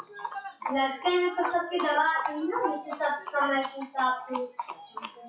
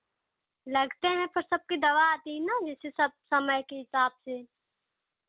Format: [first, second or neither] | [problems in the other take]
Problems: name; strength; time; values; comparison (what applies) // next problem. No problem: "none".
second | noise reduction (classical method WPE with log-MMSE)